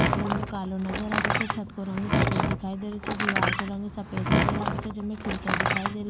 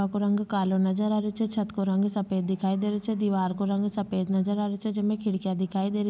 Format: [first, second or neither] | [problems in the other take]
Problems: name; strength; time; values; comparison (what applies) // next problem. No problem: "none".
second | background sound (Door); 5 dB above the speech